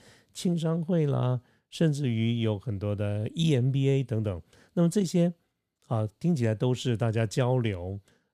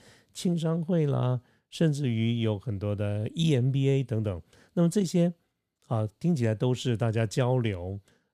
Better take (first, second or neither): neither